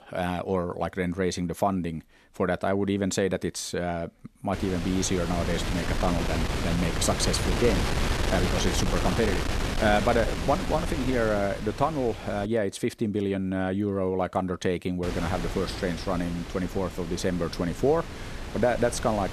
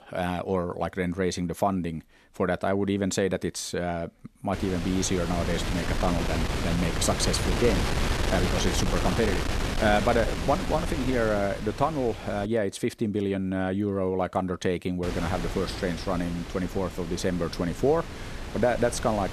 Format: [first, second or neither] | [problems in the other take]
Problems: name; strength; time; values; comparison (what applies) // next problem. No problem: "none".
neither | wind noise on the microphone; heavy; from 4.5 to 12 s and from 15 s on; 5 dB below the speech; the same in both